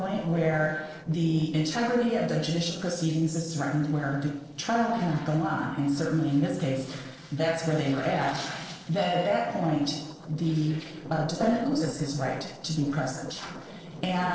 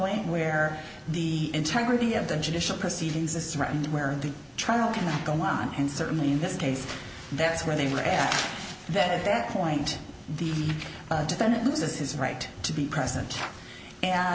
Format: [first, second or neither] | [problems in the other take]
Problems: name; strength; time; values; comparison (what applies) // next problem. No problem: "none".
second | noise reduction (neural separator model SepFormer DNS4)